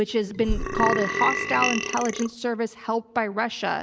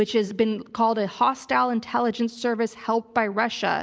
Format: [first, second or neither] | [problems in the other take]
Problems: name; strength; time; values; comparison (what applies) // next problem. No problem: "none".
second | background sound (Burping, eructation); 1 dB below the speech